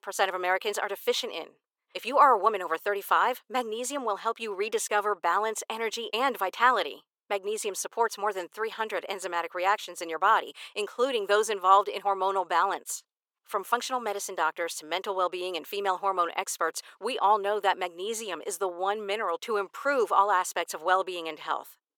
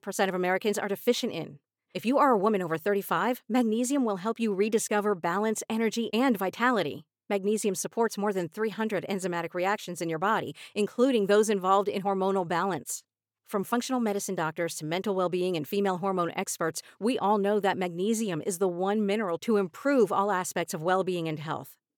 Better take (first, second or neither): second